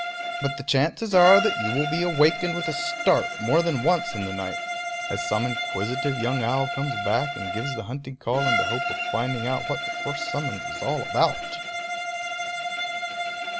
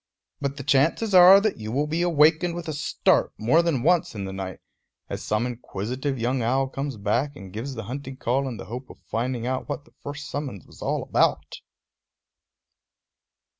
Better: second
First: background sound (Bowed string instrument); 3 dB below the speech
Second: none

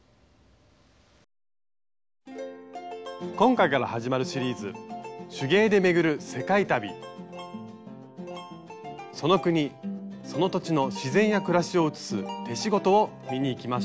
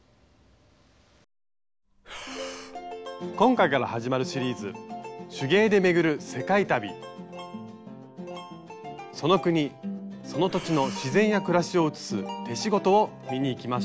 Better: first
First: none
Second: background sound (Breathing); 16 dB below the speech

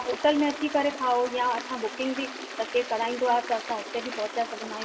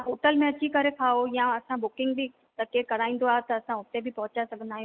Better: second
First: background sound (Stream); 10 dB below the speech // room echo; dies away in 1.8 s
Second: none

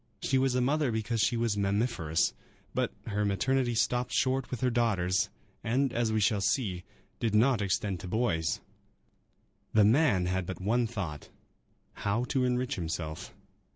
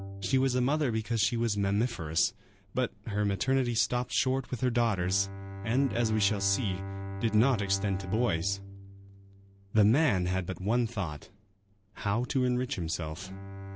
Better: first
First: none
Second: background sound (Bowed string instrument); 12 dB below the speech

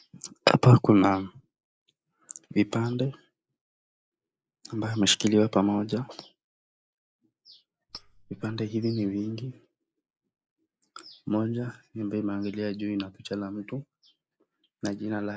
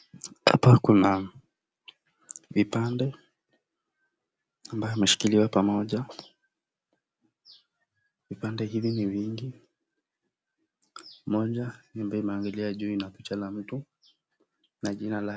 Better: second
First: noise reduction (neural mask model Resemble Enhance denoiser)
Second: none

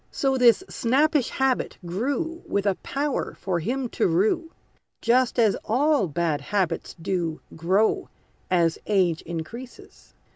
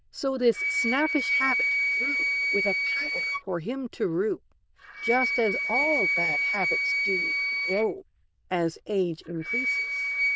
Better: first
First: none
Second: noise reduction (neural diffusion model UNIVERSE++)

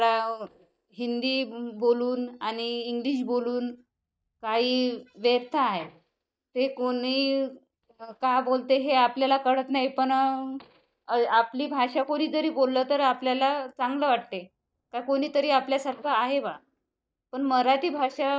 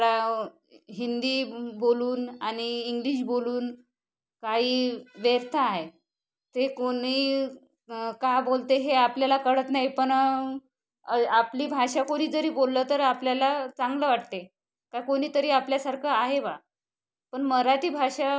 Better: second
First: noise reduction (neural mask model DeepFilterNet 3)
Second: none

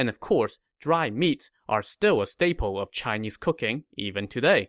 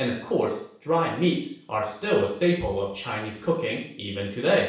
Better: first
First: none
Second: room echo; dies away in 0.7 s

